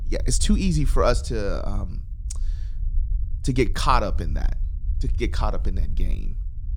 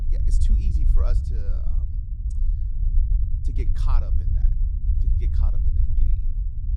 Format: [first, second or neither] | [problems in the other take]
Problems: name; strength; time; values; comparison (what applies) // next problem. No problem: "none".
first | low rumble; loud; throughout; 2 dB below the speech; faint in the first